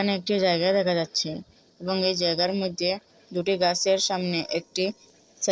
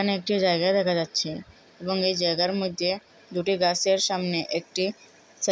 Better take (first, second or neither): second